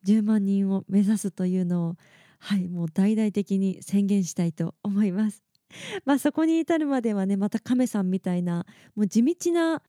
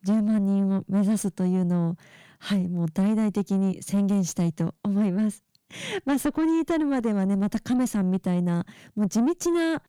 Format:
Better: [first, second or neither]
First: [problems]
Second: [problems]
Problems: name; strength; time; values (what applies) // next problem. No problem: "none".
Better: first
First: none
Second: distortion; slight; 10 dB below the speech